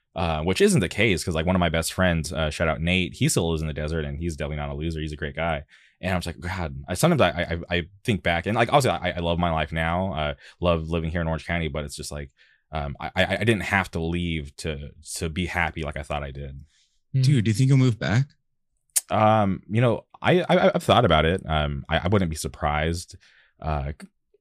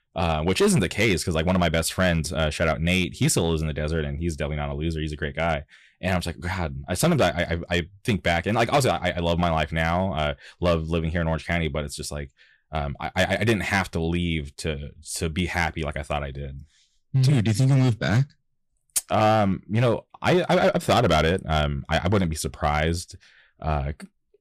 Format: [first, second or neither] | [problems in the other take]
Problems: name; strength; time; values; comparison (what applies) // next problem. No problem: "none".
first | distortion; slight; 4% of the sound clipped